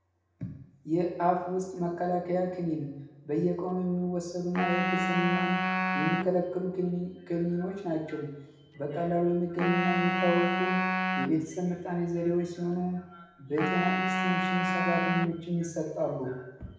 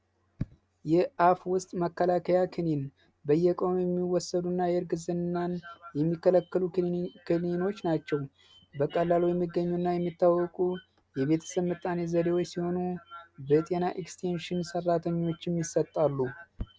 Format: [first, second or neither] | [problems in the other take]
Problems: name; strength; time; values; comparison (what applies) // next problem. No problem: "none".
second | background sound (Wind instrument, woodwind instrument); 1 dB below the speech // room echo; dies away in 0.8 s